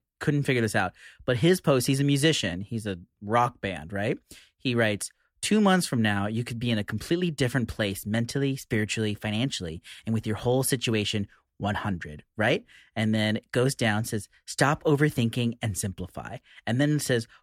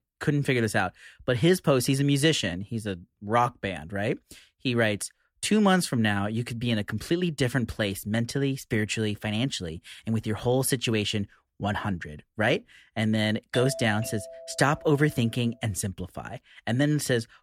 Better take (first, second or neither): first